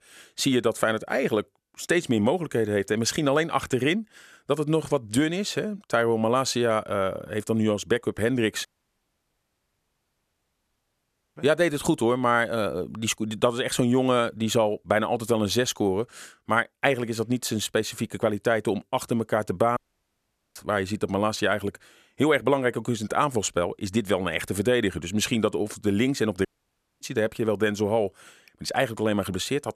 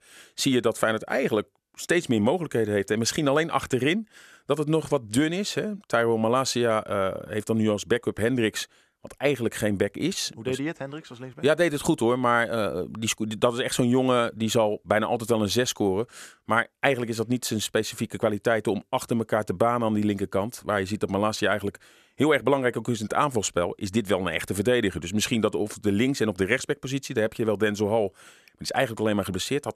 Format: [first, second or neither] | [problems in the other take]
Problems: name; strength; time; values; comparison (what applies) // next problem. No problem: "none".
second | audio cutting out; at 8.5 s for 2.5 s, at 20 s for 1 s and at 26 s for 0.5 s